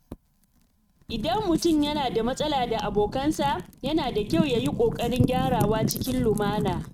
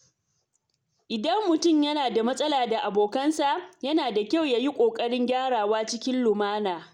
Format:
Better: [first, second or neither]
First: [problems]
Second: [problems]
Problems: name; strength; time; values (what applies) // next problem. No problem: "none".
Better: second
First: noise reduction (neural mask model RNNoise)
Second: none